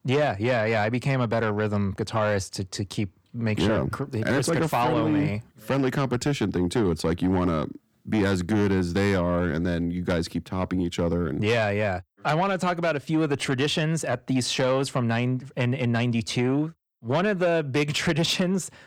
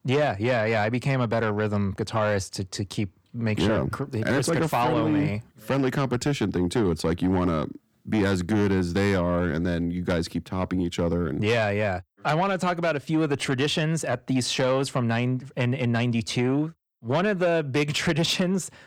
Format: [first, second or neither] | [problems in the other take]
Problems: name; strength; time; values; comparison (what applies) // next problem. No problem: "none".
neither | distortion; slight; 10 dB below the speech; the same in both